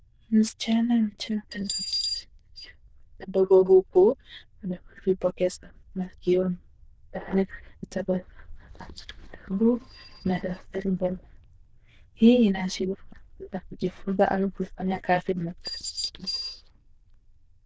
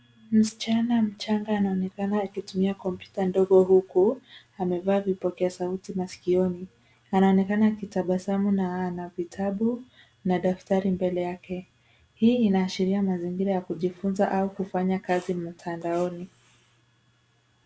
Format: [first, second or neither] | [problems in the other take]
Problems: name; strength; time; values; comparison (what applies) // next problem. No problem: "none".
second | noise reduction (neural diffusion model UNIVERSE++)